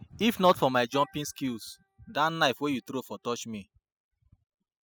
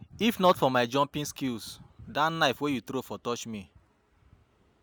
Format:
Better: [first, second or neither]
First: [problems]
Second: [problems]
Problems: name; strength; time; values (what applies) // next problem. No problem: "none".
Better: second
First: noise reduction (classical method spectral subtraction)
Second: none